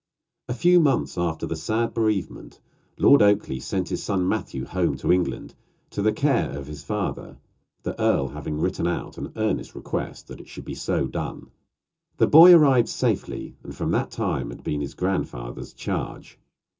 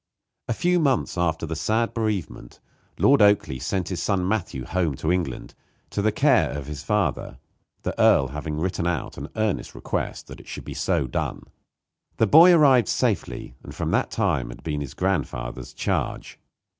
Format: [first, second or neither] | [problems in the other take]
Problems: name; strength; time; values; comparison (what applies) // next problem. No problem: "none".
second | room echo; dies away in 0.2 s